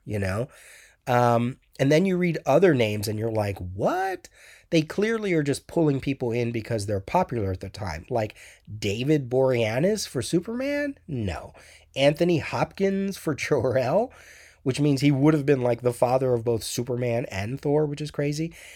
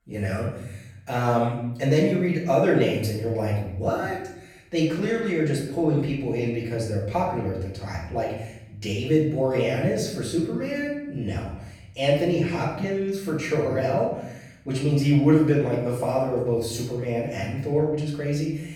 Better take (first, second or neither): first